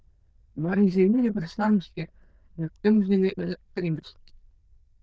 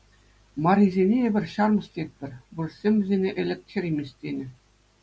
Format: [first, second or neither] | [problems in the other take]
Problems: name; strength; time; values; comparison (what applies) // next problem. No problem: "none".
second | noise reduction (neural diffusion model UNIVERSE++)